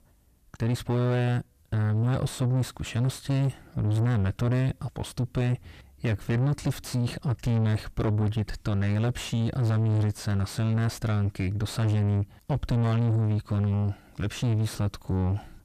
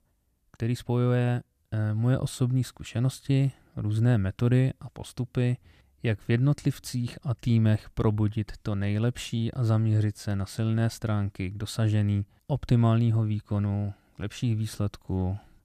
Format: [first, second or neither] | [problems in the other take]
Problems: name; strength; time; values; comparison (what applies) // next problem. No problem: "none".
second | distortion; heavy; 8 dB below the speech